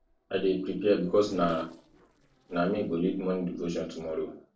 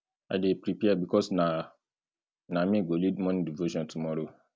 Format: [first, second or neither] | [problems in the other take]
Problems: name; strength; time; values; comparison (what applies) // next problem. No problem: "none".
second | noise reduction (neural separator model SepFormer DNS4)